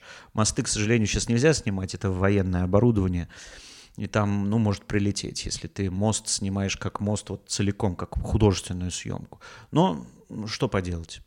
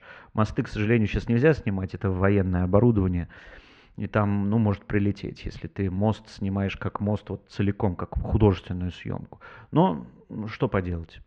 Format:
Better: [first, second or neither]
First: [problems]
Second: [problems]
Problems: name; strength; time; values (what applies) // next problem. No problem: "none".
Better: first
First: none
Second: muffled; very; fading above 2.5 kHz